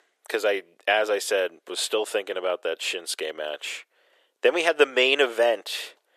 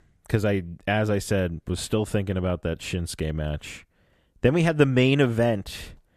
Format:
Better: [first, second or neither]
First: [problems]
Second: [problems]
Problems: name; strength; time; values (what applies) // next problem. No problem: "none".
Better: second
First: thin; very; fading below 400 Hz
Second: none